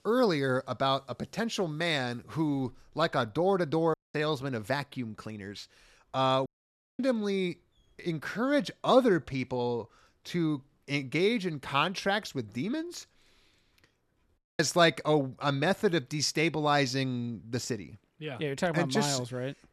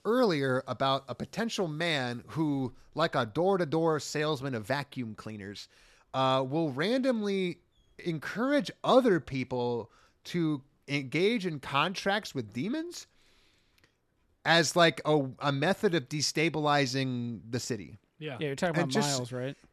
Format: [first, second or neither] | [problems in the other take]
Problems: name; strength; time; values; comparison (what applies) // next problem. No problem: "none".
second | audio cutting out; at 4 s, at 6.5 s for 0.5 s and at 14 s